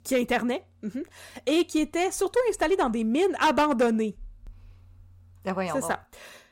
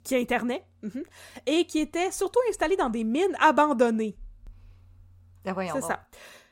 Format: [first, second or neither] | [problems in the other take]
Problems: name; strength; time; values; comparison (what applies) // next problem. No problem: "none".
second | distortion; slight; 3% of the sound clipped